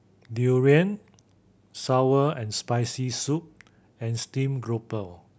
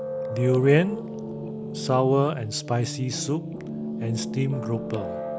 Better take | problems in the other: first | background sound (Piano); 7 dB below the speech

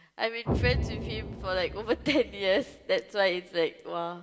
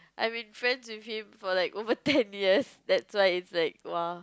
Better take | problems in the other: second | background sound (Explosion); 6 dB below the speech // room echo; dies away in 2.4 s

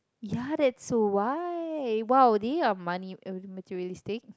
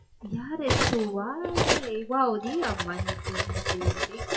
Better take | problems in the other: first | noise reduction (classical method WPE with log-MMSE)

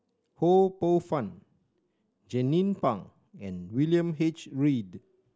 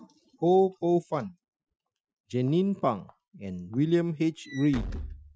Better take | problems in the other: first | noise reduction (classical method Wiener filter)

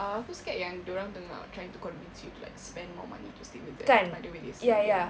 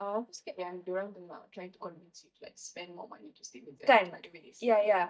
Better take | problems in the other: first | noise reduction (neural mask model DeepFilterNet 3)

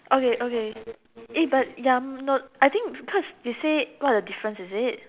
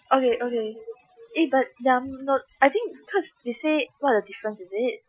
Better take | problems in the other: first | noise reduction (classical method Wiener filter)

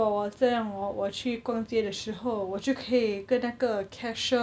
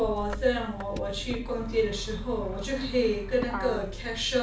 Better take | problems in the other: first | background sound (Motor vehicle (road)); 8 dB below the speech // room echo; dies away in 0.3 s

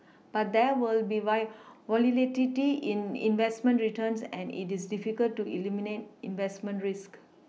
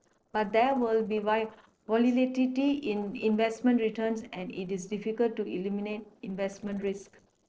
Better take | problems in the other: first | noise reduction (neural separator model SepFormer DNS4)

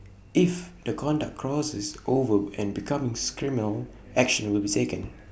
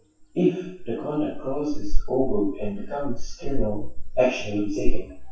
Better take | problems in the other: first | noise reduction (classical method WPE with log-MMSE)

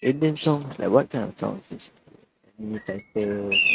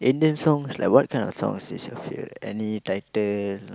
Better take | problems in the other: second | noise reduction (neural mask model RNNoise)

